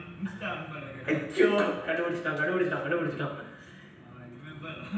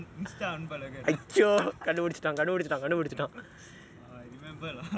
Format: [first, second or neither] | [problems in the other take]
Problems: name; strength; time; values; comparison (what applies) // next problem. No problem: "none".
second | room echo; dies away in 0.9 s